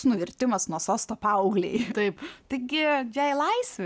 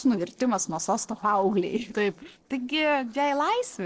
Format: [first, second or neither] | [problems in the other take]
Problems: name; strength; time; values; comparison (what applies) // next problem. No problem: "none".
first | noise reduction (neural separator model SepFormer DNS4)